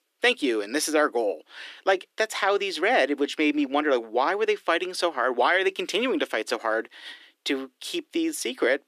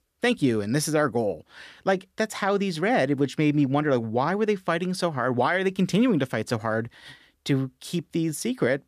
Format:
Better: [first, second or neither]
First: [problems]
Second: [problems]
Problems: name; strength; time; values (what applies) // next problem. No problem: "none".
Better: second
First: thin; somewhat; fading below 300 Hz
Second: none